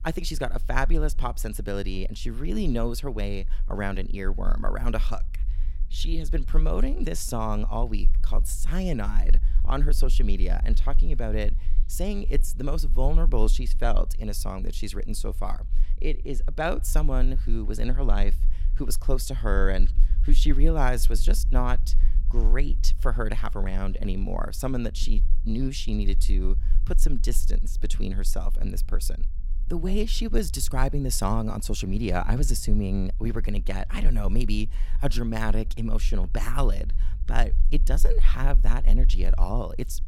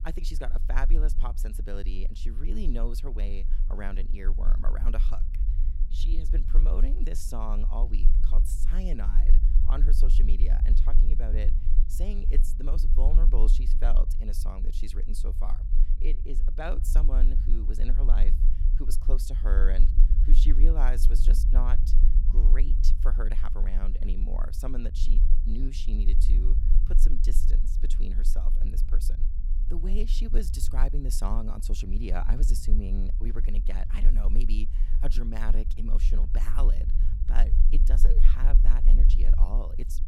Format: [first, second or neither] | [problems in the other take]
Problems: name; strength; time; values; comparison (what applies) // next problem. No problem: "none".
first | low rumble; loud; throughout; 9 dB below the speech; faint in the first